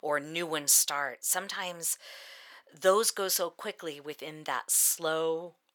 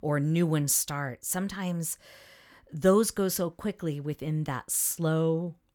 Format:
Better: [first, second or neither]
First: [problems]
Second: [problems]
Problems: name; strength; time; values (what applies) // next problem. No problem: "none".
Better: second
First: thin; very; fading below 650 Hz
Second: none